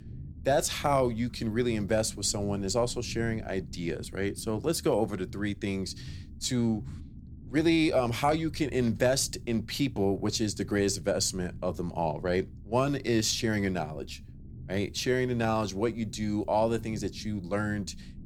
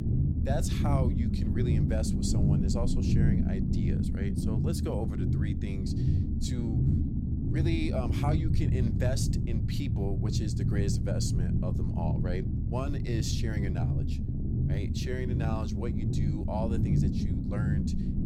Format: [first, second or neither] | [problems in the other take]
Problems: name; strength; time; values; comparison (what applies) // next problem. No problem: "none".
first | low rumble; loud; throughout; 1 dB below the speech; faint in the first